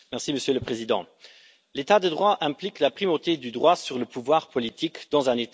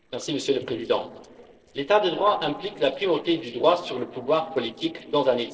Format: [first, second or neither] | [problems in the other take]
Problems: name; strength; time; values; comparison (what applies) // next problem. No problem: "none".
first | noise reduction (neural separator model SepFormer DNS4)